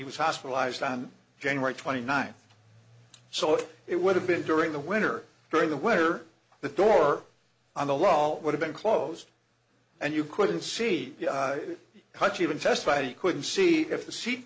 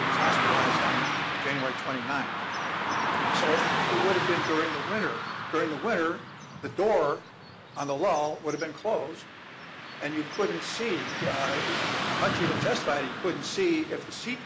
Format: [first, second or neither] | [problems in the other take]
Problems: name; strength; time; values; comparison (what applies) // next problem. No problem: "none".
first | background sound (Car passing by / Traffic noise, roadway noise); as loud as the speech